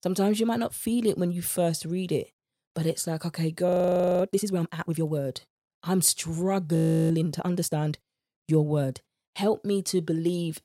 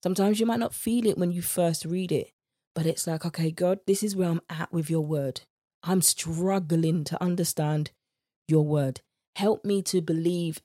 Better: second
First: audio freezing; at 3.5 s for 0.5 s and at 7 s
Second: none

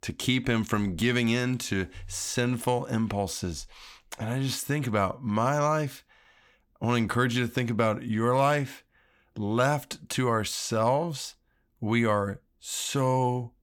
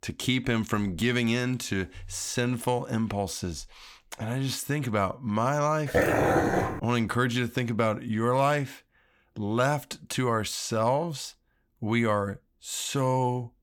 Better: first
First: none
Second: dog barking; loud; at 6 s; peak 5 dB above the speech

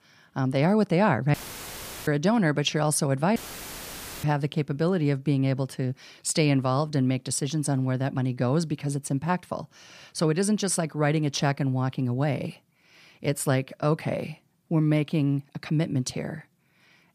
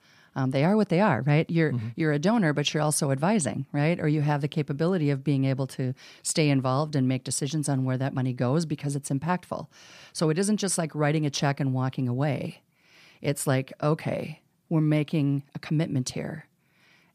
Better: second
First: audio cutting out; filled with static; at 1.5 s for 0.5 s and at 3.5 s for 1 s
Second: none

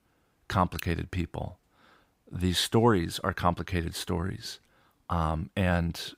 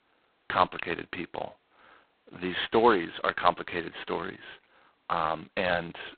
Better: first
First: none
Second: phone-call audio; poor line; nothing above 4 kHz

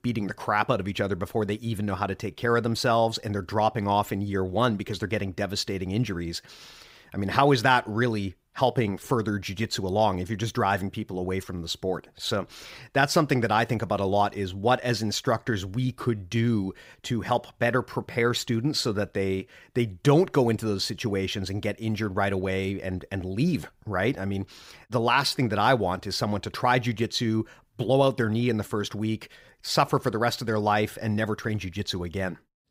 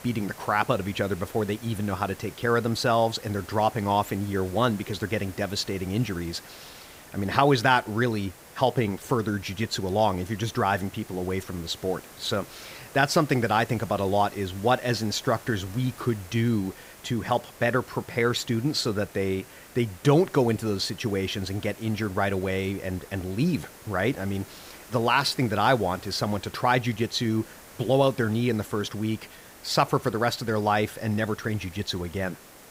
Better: first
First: none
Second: hiss; noticeable; throughout; 20 dB below the speech

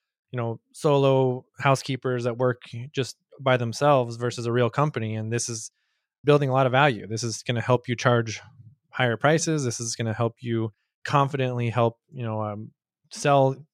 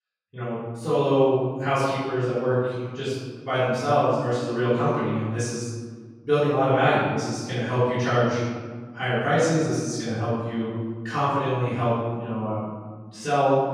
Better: first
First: none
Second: off-mic speech; far // room echo; strong; dies away in 1.5 s

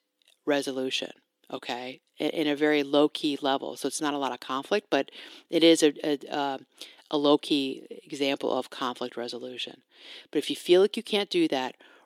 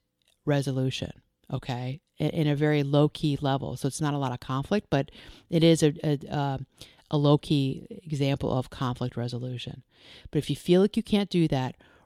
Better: second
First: thin; somewhat; fading below 300 Hz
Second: none

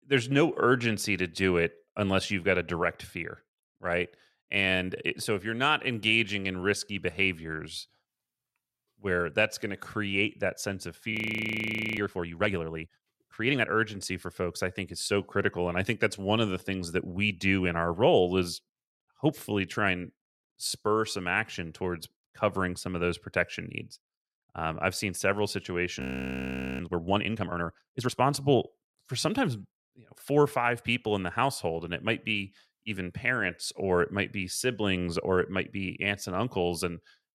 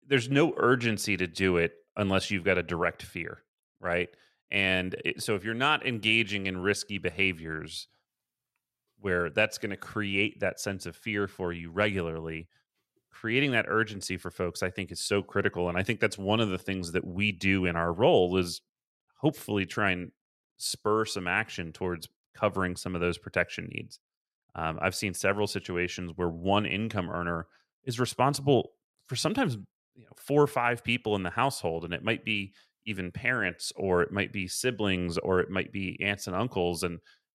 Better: second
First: audio freezing; at 11 s for 1 s and at 26 s for 1 s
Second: none

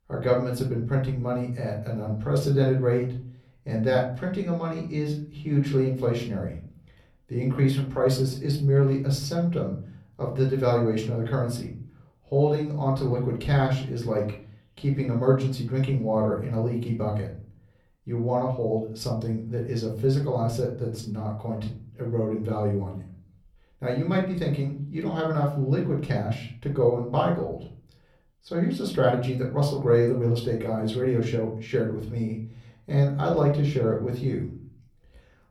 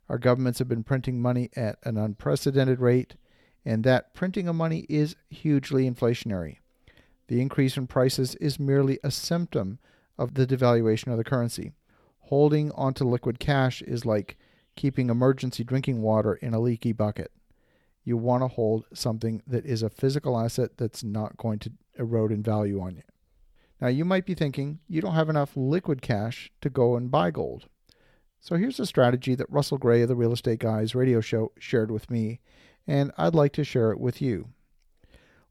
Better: second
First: off-mic speech; somewhat distant // room echo; slight; dies away in 0.5 s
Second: none

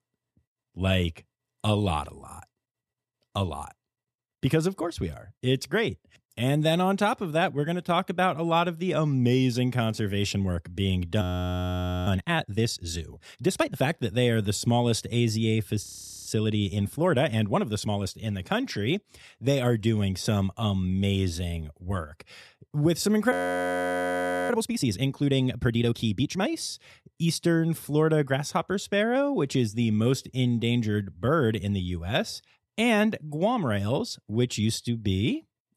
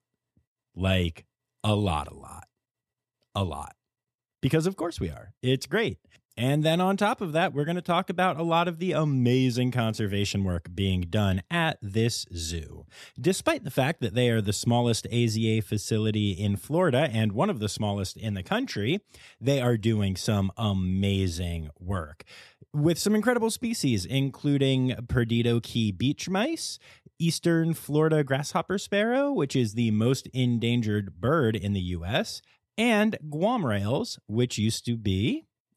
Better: second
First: audio freezing; at 11 s for 1 s, at 16 s and at 23 s for 1 s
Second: none

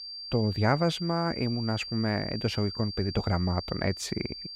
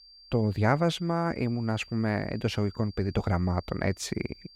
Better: second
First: high-pitched whine; loud; throughout; 4.5 kHz, 8 dB below the speech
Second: high-pitched whine; faint; throughout; 4.5 kHz, 20 dB below the speech

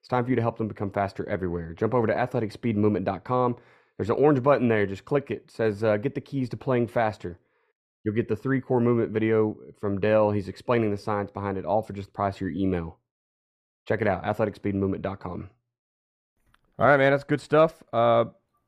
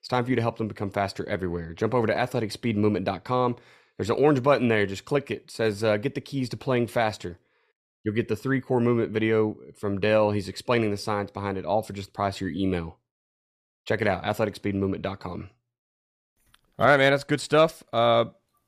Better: second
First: muffled; slightly; fading above 2.5 kHz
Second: none

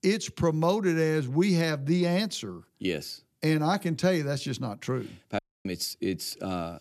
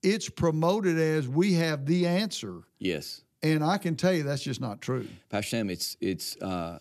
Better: second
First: audio cutting out; at 5.5 s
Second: none

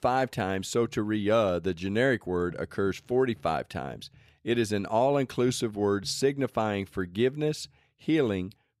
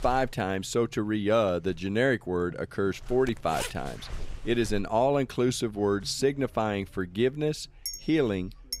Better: first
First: none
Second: household noises; noticeable; throughout; 15 dB below the speech

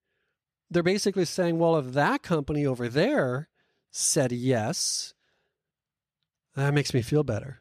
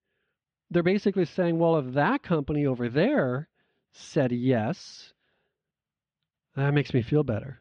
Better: first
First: none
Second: muffled; very; fading above 3.5 kHz

